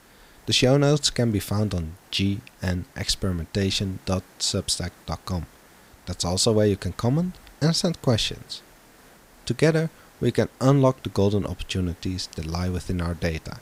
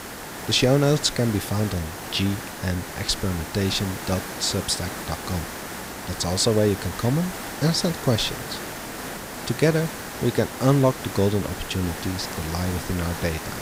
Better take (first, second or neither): first